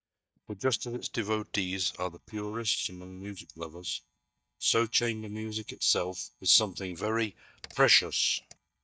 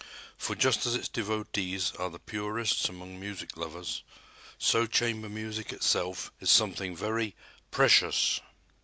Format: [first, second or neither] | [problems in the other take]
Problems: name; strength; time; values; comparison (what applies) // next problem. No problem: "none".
second | noise reduction (neural mask model DeepFilterNet 3)